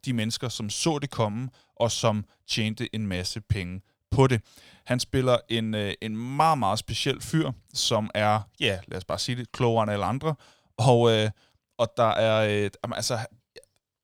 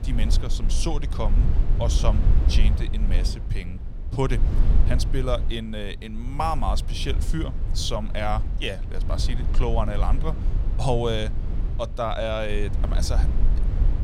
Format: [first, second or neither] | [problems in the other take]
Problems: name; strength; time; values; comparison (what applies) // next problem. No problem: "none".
first | low rumble; noticeable; throughout; 10 dB below the speech